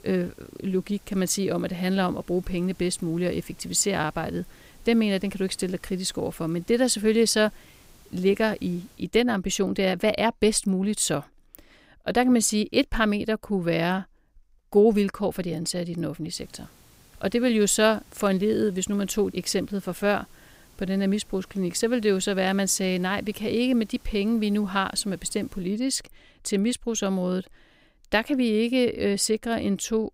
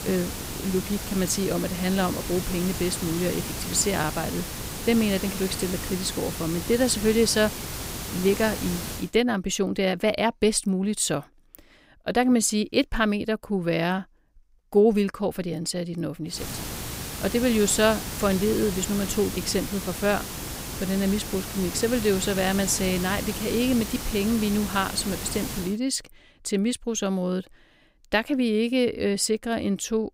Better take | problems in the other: first | hiss; loud; until 9 s and from 16 to 26 s; 7 dB below the speech; faint in the first

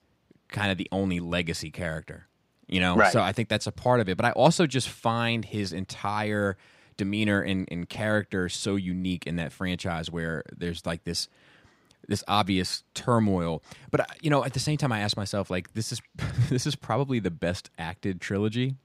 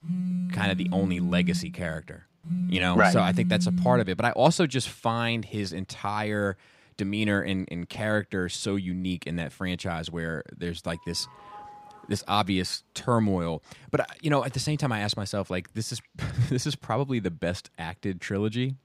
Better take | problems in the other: first | phone ringing; loud; until 4 s; peak 2 dB above the speech // doorbell; faint; from 11 to 12 s; peak 15 dB below the speech

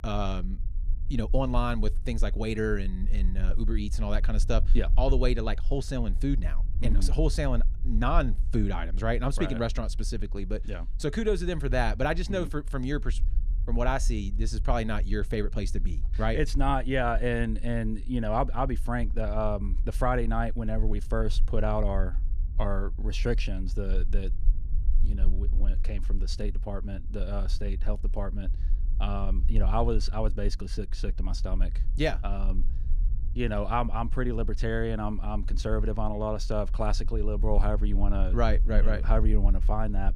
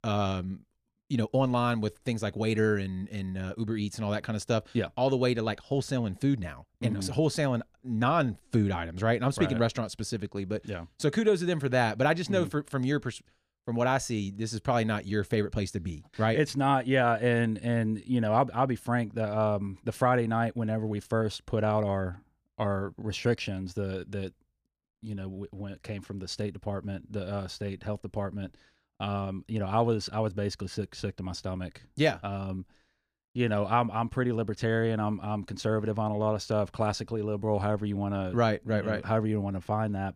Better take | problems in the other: second | low rumble; faint; throughout; 20 dB below the speech

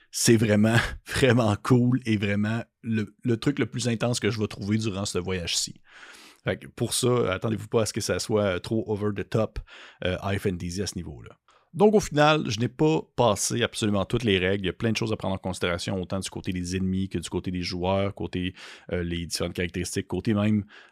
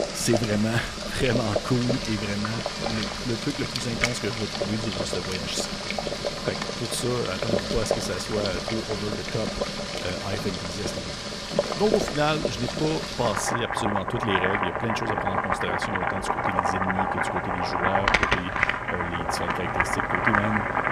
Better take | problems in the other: first | household noises; very loud; throughout; 2 dB above the speech

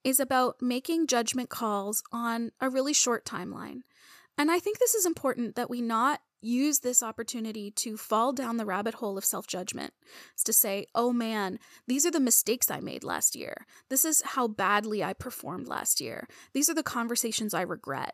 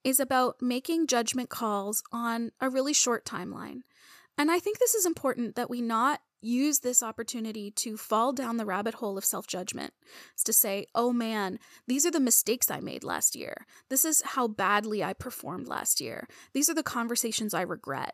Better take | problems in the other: neither | none

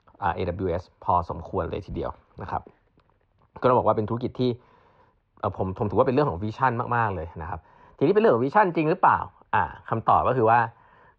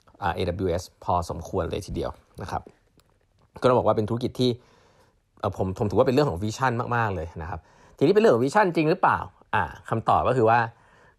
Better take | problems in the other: second | muffled; slightly; fading above 3 kHz

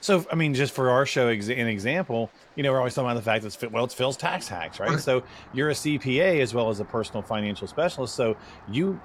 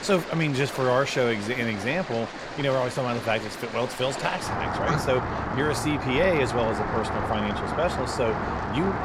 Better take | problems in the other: first | rain or running water; loud; throughout; 4 dB below the speech; faint in the first

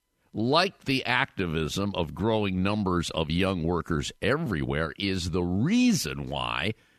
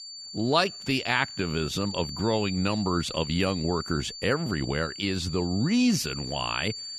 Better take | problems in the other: first | high-pitched whine; loud; throughout; 4.5 kHz, 9 dB below the speech

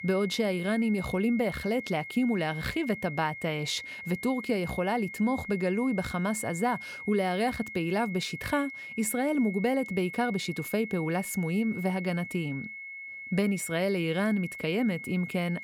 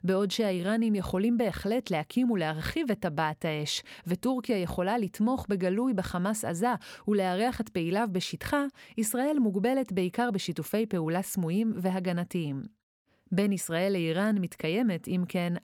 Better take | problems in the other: second | high-pitched whine; loud; throughout; 2 kHz, 10 dB below the speech

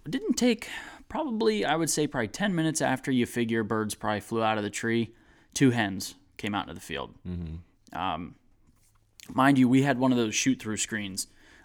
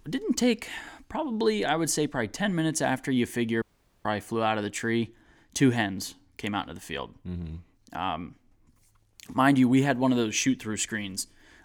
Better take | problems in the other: first | audio cutting out; at 3.5 s

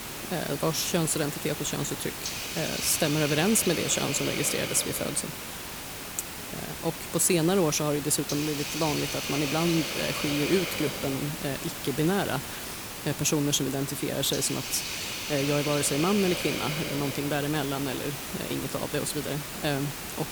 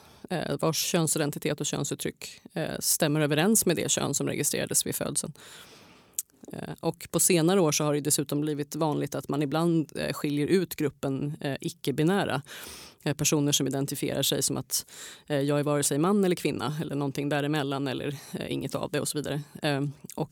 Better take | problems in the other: second | hiss; loud; throughout; 4 dB below the speech

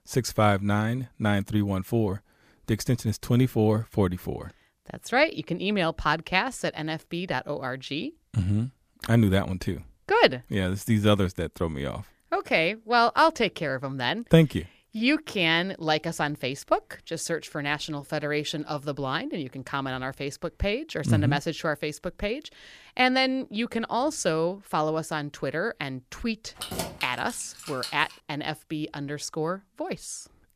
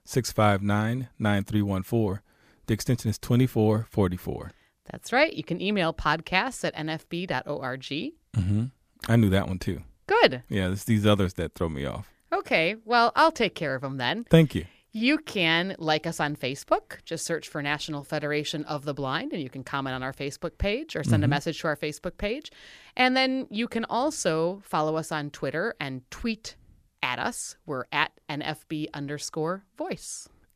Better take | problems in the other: second | jangling keys; noticeable; from 27 to 28 s; peak 6 dB below the speech

